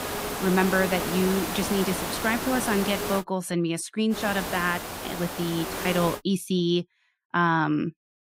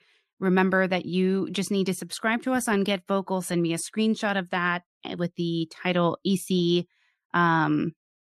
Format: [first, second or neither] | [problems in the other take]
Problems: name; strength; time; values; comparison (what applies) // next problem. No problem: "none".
second | hiss; loud; until 3 s and from 4 to 6 s; 5 dB below the speech